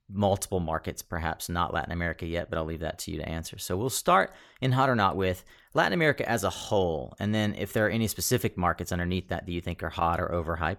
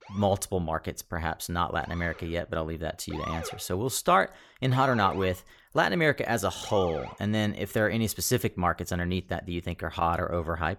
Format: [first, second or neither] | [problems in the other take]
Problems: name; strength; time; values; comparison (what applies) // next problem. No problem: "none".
first | siren; noticeable; until 7 s; peak 9 dB below the speech